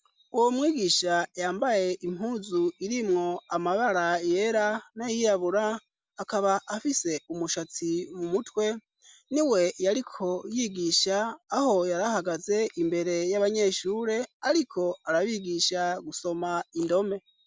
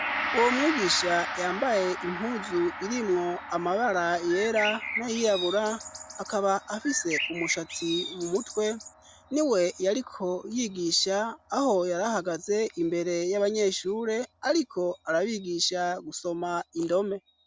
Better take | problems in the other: first | background sound (Bird + Gong); 9 dB below the speech

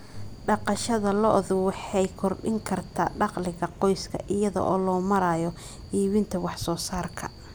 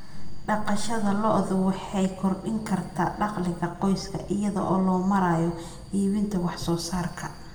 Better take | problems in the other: first | room echo; dies away in 1 s

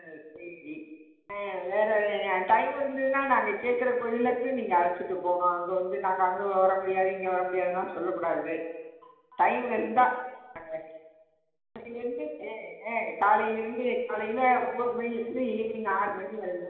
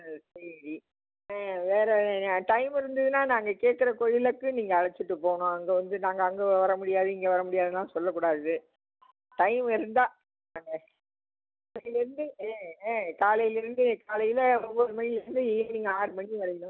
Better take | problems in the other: second | room echo; dies away in 1.1 s

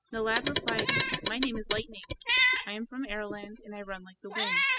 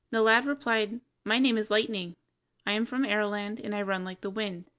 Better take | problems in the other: second | noise reduction (classical method spectral subtraction)

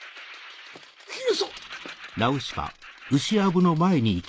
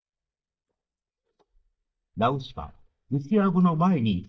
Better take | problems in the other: first | noise reduction (neural mask model DeepFilterNet 3)

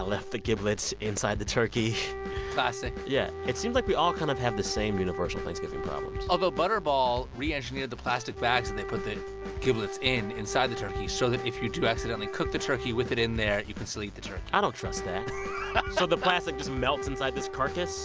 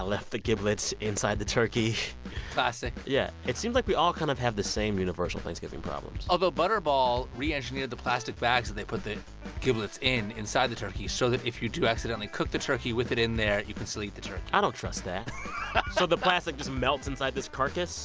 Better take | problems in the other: second | background sound (Wind instrument, woodwind instrument); 9 dB below the speech

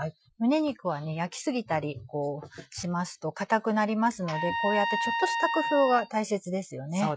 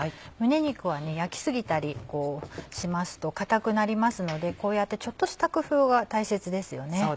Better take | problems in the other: second | noise reduction (classical method Wiener filter)

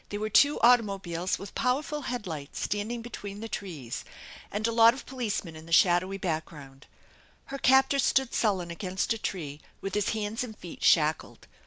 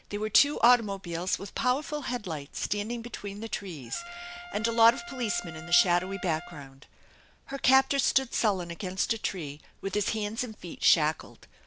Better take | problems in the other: first | background sound (Trumpet); 14 dB below the speech

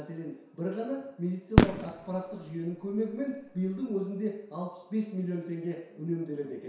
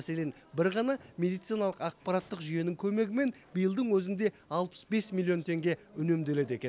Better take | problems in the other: second | background sound (Fireworks); 4 dB above the speech // room echo; dies away in 0.7 s

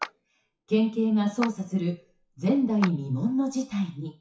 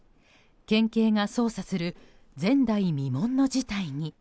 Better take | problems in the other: second | noise reduction (classical method WPE with log-MMSE)

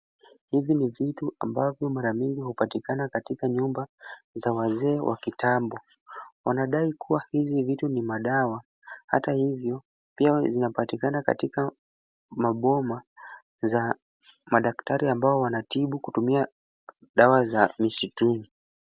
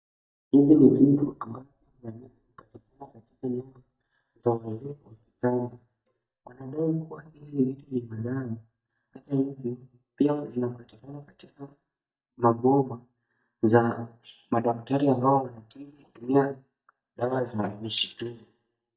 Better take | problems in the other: first | noise reduction (neural mask model DeepFilterNet 3)

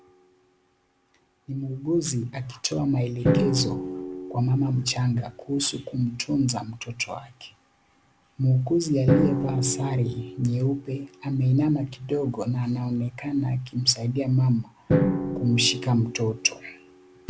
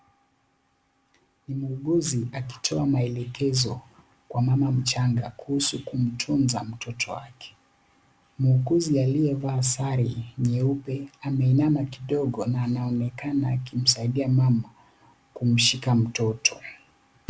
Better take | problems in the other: second | background sound (Drum); 6 dB below the speech

